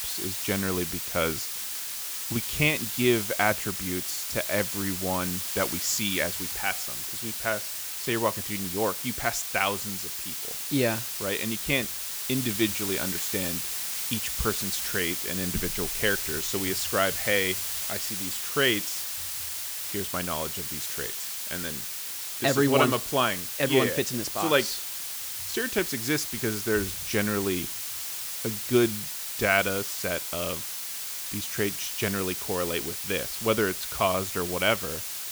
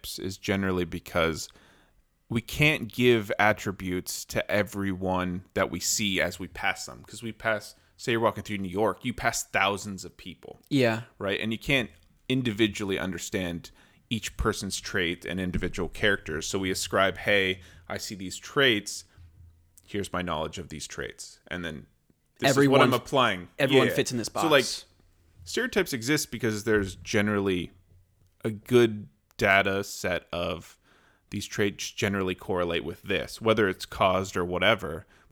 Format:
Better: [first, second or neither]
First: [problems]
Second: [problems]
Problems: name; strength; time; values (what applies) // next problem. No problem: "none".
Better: second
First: hiss; loud; throughout; 2 dB below the speech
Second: none